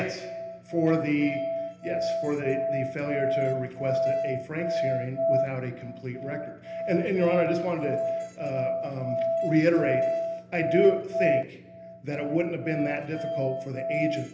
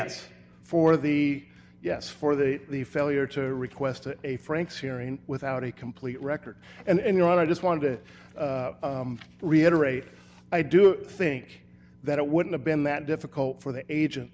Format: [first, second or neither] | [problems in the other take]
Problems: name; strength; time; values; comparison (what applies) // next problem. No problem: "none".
second | background sound (Musical instrument); 1 dB below the speech // room echo; dies away in 0.8 s